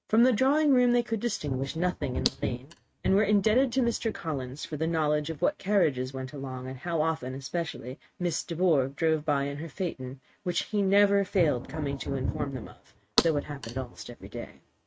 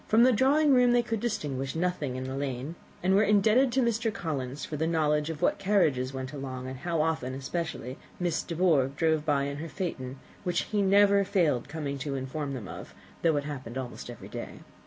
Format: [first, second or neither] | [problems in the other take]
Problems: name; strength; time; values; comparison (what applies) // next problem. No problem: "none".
second | noise reduction (neural mask model RNNoise)